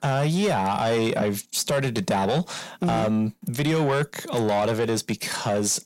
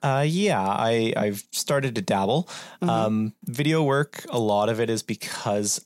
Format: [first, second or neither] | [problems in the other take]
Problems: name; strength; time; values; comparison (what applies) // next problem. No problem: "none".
second | distortion; slight; 10 dB below the speech